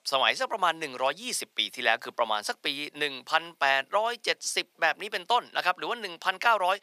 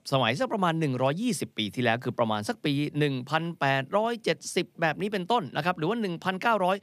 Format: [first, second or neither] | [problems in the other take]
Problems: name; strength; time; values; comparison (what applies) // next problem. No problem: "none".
second | thin; very; fading below 750 Hz